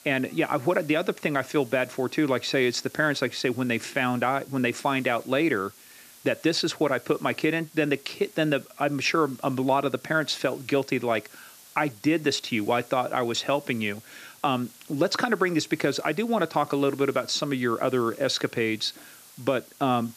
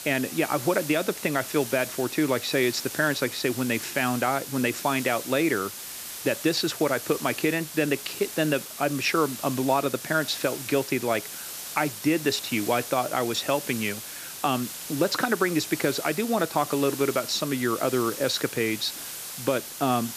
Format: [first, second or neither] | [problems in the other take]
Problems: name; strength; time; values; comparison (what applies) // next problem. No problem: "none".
first | hiss; loud; throughout; 9 dB below the speech; faint in the first